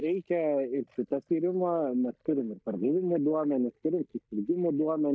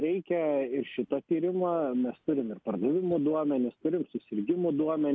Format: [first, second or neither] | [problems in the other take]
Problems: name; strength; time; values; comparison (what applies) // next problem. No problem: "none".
second | noise reduction (neural mask model DeepFilterNet 3)